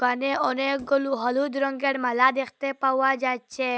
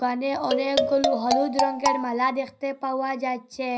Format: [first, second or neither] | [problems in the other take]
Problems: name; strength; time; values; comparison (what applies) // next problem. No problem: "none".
first | background sound (Marimba, xylophone); 1 dB above the speech // room echo; dies away in 0.4 s